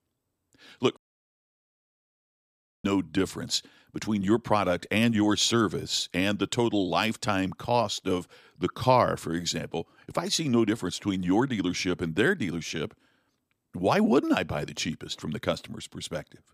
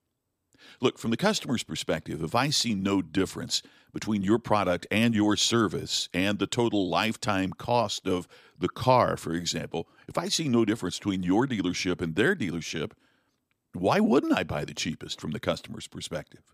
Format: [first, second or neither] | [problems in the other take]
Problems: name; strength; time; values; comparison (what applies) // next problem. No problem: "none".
second | audio cutting out; at 1 s for 2 s